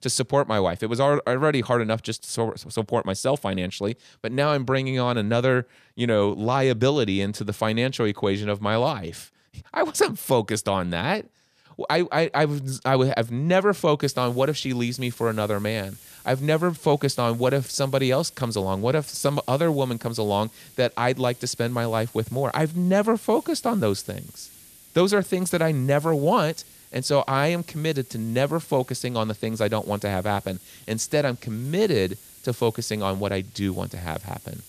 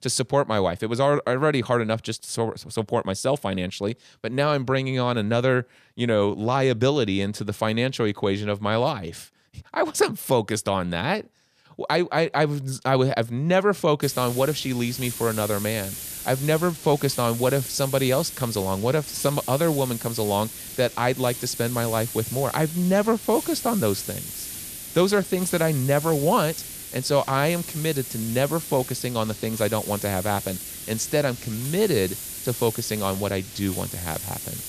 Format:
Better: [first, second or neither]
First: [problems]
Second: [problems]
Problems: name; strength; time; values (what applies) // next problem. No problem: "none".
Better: first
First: hiss; faint; from 14 s on; 20 dB below the speech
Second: hiss; loud; from 14 s on; 9 dB below the speech